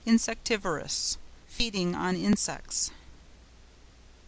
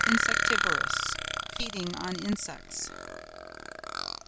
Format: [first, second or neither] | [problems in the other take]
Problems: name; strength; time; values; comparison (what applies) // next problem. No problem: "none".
first | background sound (Burping, eructation); 4 dB above the speech